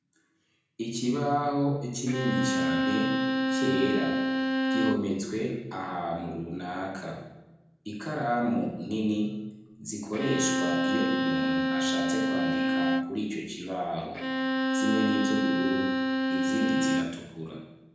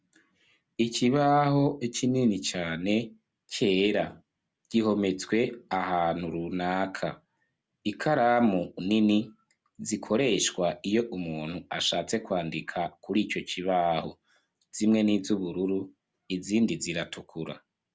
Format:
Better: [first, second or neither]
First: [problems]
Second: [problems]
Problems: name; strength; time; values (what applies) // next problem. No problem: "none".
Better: second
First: background sound (Bowed string instrument); 3 dB above the speech // room echo; dies away in 0.8 s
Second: none